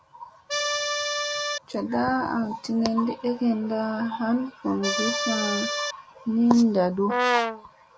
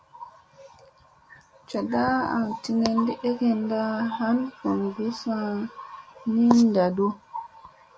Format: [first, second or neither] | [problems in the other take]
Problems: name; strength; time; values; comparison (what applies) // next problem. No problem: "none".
second | background sound (Brass instrument + Accordion); 1 dB below the speech